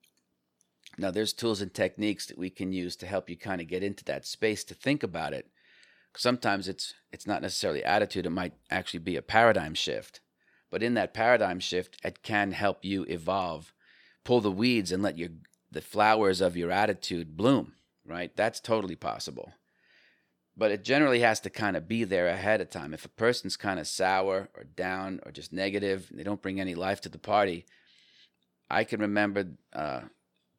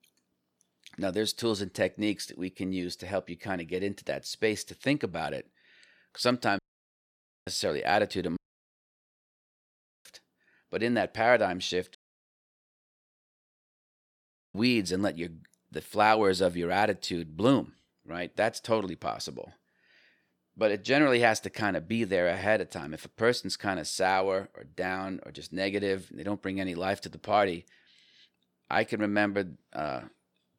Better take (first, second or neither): first